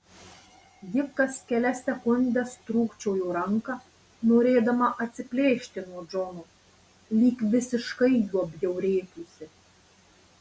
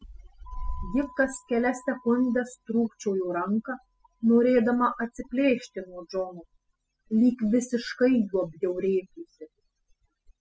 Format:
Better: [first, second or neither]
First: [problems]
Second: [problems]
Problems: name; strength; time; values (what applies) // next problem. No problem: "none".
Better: first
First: none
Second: noise reduction (classical method spectral subtraction)